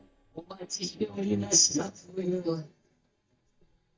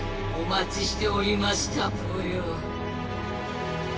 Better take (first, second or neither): second